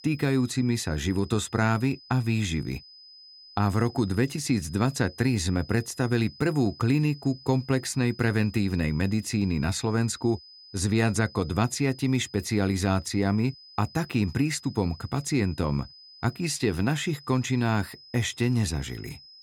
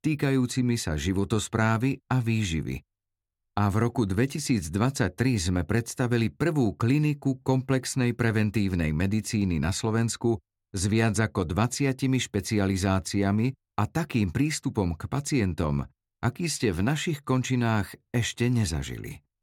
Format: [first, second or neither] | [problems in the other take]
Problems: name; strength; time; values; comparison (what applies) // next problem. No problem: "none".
second | high-pitched whine; faint; throughout; 5 kHz, 20 dB below the speech